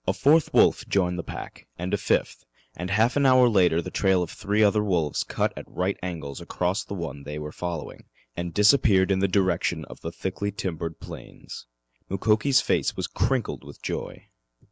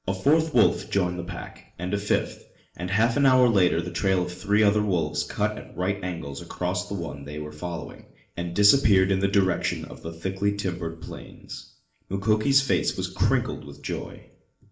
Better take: first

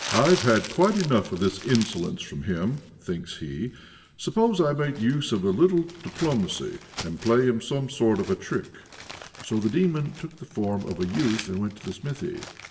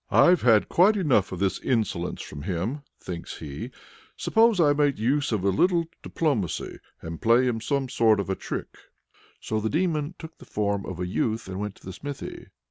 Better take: second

